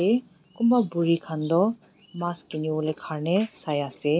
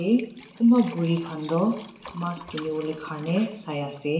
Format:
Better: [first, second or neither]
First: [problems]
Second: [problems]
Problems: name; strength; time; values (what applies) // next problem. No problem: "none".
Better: first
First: none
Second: background sound (Liquid); 20 dB below the speech // room echo; dies away in 0.8 s